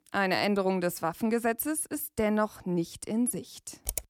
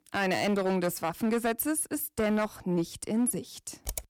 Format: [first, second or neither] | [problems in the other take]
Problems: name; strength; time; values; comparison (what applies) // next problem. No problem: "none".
first | distortion; slight; 7% of the sound clipped